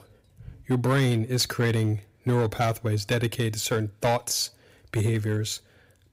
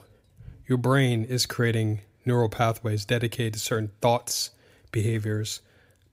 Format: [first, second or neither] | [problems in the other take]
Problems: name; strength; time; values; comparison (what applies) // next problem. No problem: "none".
second | distortion; slight; 5% of the sound clipped